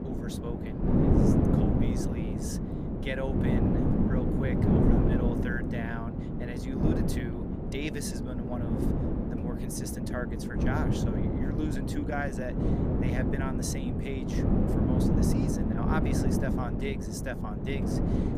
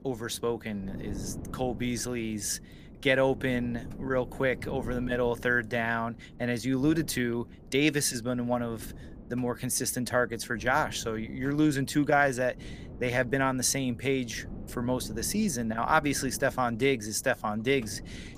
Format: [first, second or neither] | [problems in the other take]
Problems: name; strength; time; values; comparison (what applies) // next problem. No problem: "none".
second | wind noise on the microphone; heavy; 4 dB above the speech; occasional gusts in the second